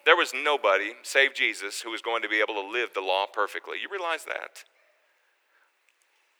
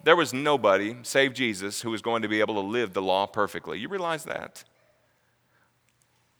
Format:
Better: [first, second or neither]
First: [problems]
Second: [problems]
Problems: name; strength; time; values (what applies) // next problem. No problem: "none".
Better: second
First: thin; very; fading below 350 Hz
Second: none